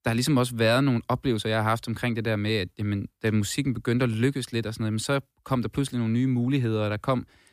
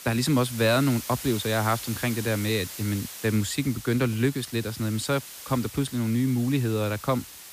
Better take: first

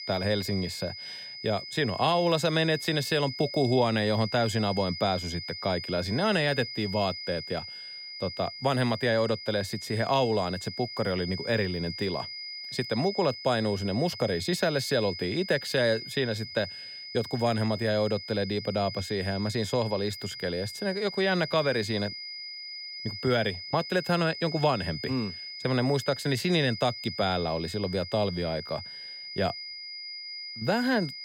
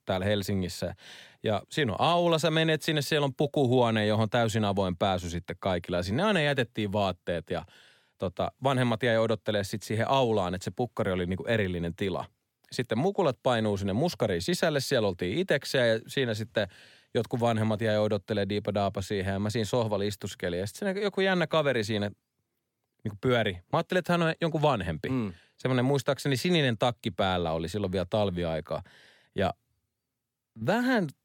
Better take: second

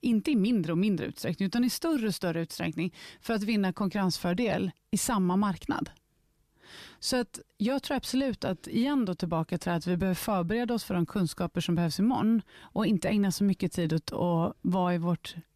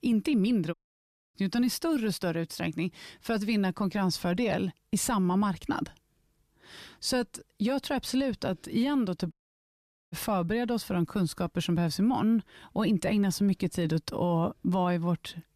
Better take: first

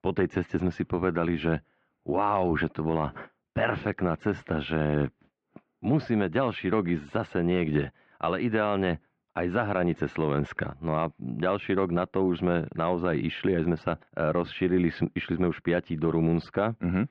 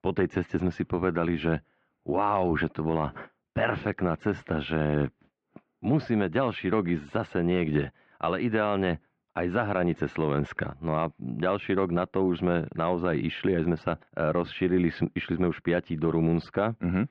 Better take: neither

